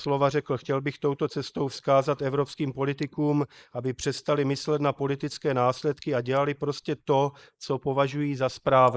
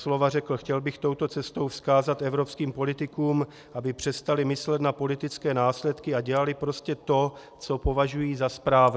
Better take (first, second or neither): second